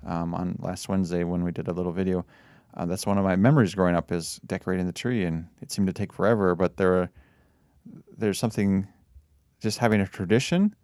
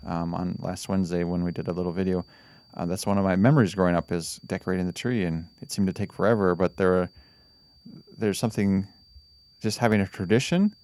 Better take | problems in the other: first | high-pitched whine; faint; throughout; 4.5 kHz, 30 dB below the speech

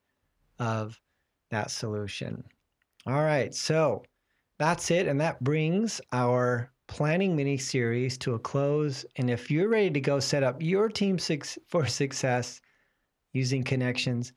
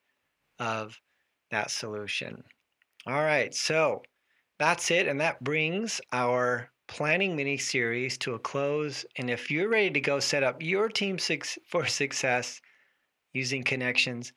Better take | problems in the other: first | thin; very slightly; fading below 450 Hz

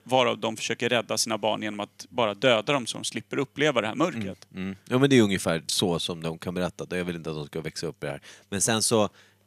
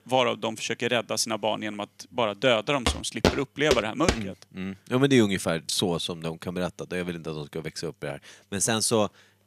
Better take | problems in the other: first | footsteps; loud; from 3 to 4 s; peak 1 dB above the speech

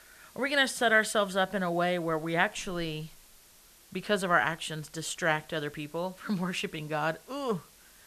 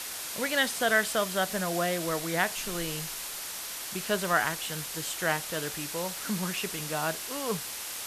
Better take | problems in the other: first | hiss; loud; throughout; 4 dB below the speech; faint in the first

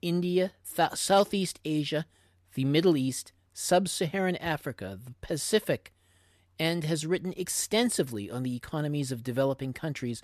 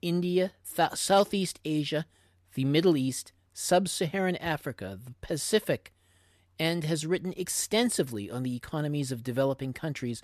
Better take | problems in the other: neither | none

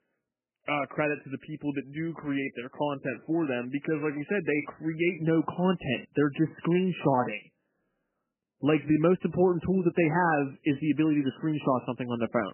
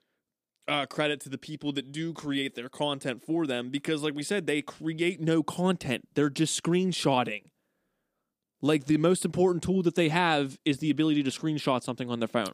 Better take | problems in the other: second | garbled, watery; badly; nothing above 3 kHz

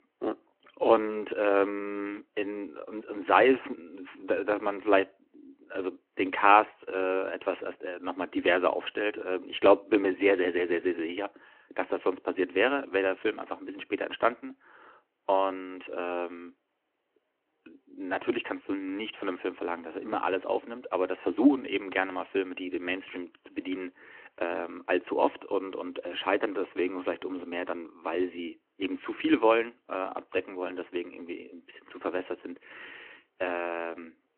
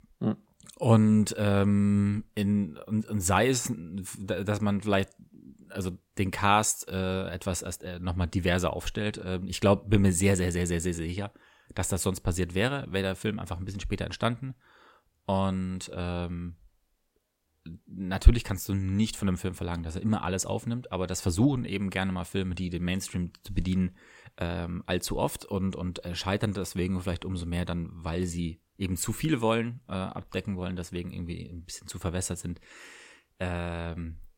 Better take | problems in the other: second | phone-call audio

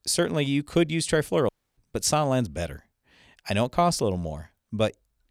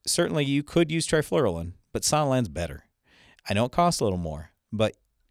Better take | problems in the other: second | audio cutting out; at 1.5 s

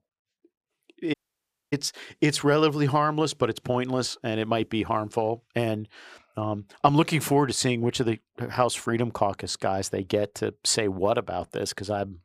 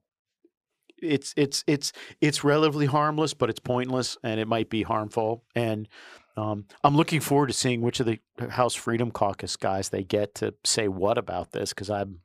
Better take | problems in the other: second | audio cutting out; at 1 s for 0.5 s

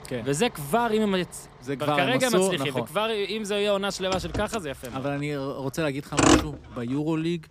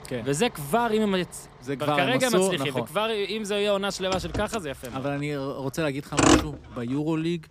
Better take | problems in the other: neither | traffic noise; very loud; throughout; 1 dB above the speech; the same in both

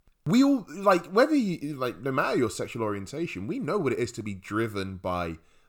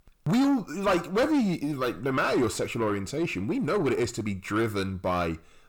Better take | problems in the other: first | distortion; heavy; 6 dB below the speech

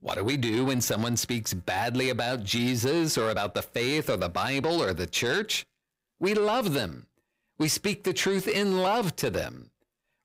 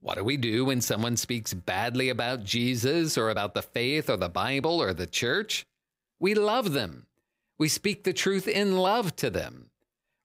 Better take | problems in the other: second | distortion; slight; 10 dB below the speech

